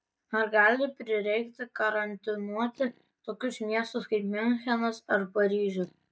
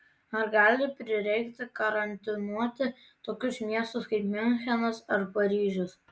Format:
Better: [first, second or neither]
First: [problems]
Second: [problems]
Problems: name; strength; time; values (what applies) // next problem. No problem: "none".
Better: second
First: noise reduction (neural mask model DeepFilterNet 3)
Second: none